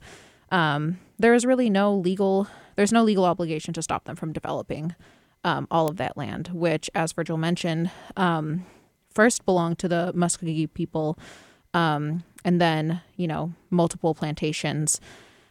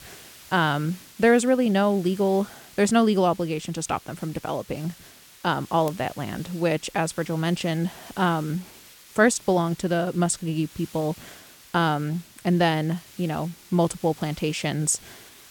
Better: first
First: none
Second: hiss; faint; throughout; 20 dB below the speech

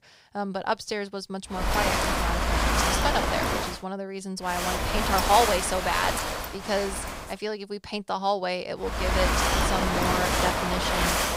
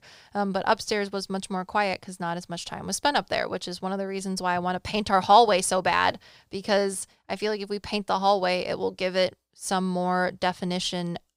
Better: second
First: wind noise on the microphone; heavy; from 1.5 to 3.5 s, from 4.5 to 7 s and from 9 s on; 3 dB above the speech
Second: none

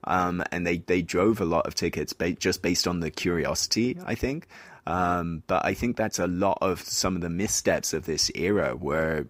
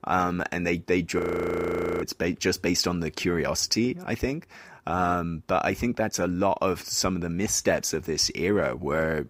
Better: first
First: none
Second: audio freezing; at 1 s for 1 s

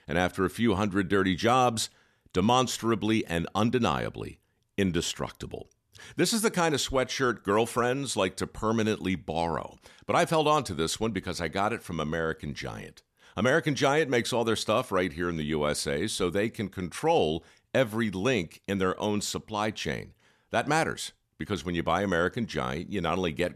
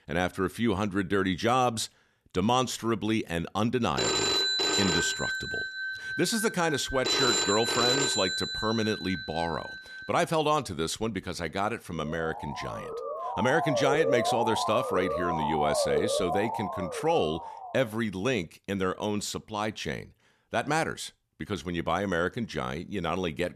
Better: first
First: none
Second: phone ringing; loud; from 4 to 10 s; peak 6 dB above the speech // siren; loud; from 12 to 18 s; peak 3 dB above the speech

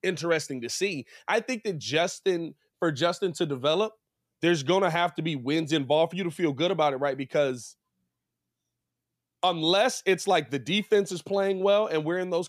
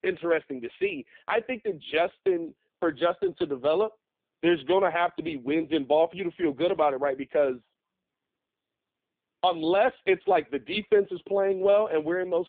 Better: first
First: none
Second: phone-call audio; poor line

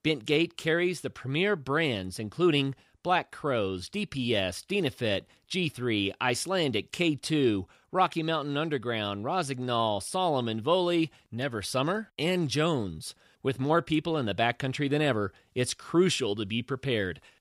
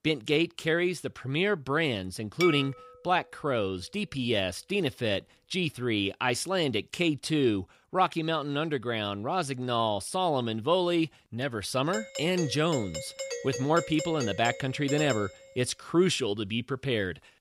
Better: first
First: none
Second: clattering dishes; noticeable; at 2.5 s; peak 4 dB below the speech // doorbell; noticeable; from 12 to 15 s; peak 6 dB below the speech

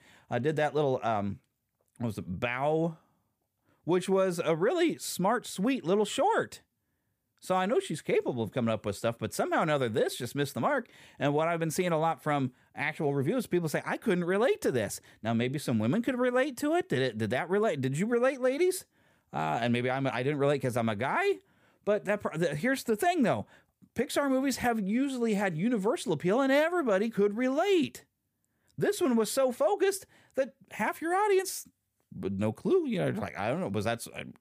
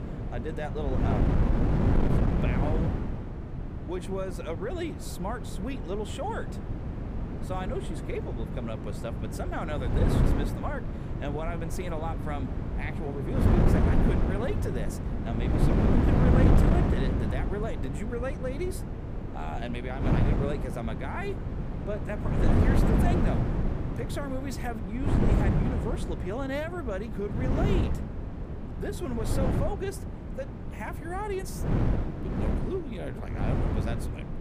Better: first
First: none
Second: wind noise on the microphone; heavy; as loud as the speech

